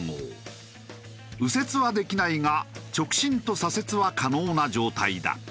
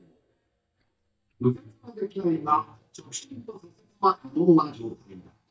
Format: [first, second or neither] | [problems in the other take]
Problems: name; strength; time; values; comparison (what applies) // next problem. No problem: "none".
first | noise reduction (neural mask model DeepFilterNet 3)